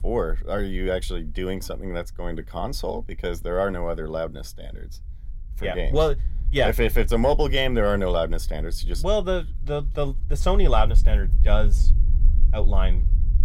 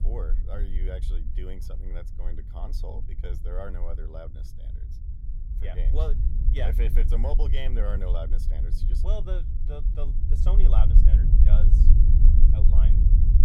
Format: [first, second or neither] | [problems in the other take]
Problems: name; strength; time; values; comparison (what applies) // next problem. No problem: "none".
first | low rumble; loud; throughout; 3 dB below the speech; faint in the first